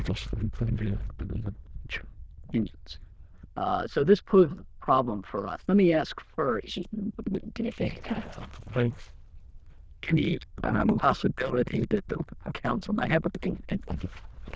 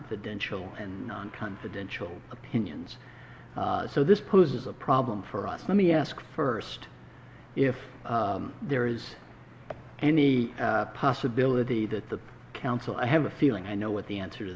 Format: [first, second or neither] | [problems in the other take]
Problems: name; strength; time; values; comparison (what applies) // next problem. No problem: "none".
second | noise reduction (neural diffusion model UNIVERSE++)